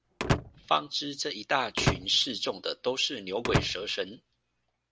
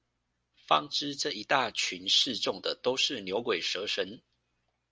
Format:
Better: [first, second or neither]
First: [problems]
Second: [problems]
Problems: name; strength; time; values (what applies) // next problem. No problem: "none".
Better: second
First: background sound (Slam / Wood); 3 dB below the speech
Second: none